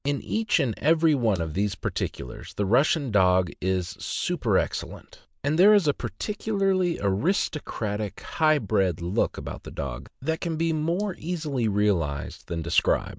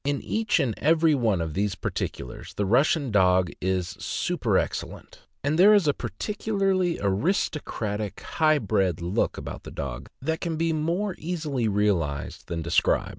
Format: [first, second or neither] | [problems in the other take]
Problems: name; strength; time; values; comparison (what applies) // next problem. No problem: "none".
second | noise reduction (neural mask model Resemble Enhance denoiser)